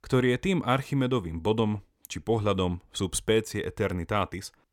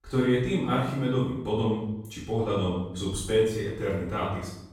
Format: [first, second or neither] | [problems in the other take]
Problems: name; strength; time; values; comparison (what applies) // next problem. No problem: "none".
first | off-mic speech; far // room echo; noticeable; dies away in 0.8 s